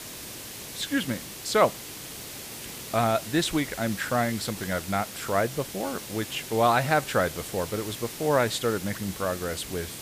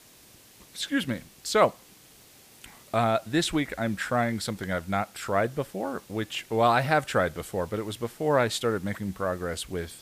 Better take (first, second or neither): second